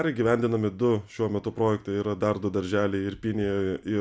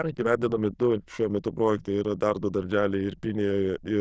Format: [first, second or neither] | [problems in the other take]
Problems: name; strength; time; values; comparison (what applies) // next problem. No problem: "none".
first | noise reduction (neural diffusion model UNIVERSE++)